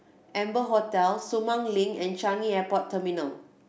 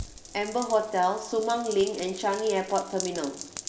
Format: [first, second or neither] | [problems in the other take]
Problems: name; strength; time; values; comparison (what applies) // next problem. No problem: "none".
first | background sound (Rain); 13 dB below the speech // room echo; dies away in 1.8 s